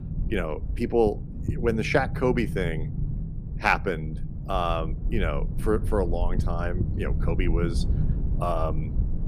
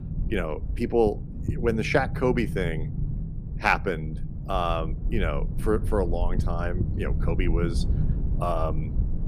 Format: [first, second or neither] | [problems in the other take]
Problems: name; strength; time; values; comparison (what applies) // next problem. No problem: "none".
neither | low rumble; noticeable; throughout; 15 dB below the speech; the same in both